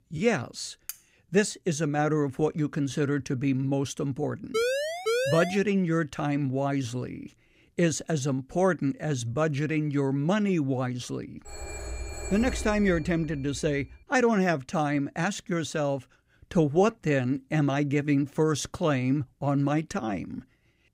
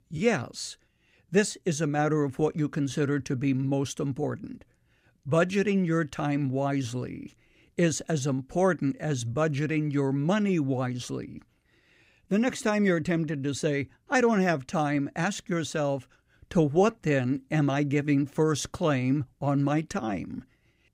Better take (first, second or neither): second